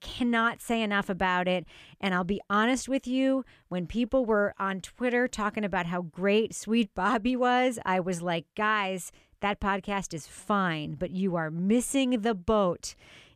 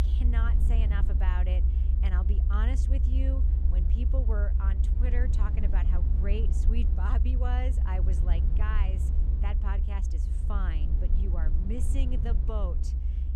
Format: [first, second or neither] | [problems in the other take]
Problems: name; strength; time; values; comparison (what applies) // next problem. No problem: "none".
first | low rumble; loud; throughout; 5 dB below the speech